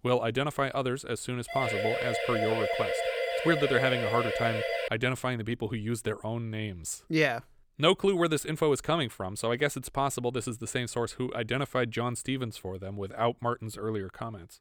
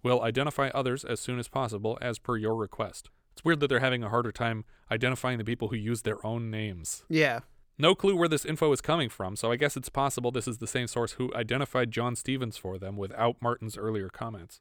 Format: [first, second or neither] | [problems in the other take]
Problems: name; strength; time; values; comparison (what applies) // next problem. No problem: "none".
second | siren; loud; from 1.5 to 5 s; peak 1 dB above the speech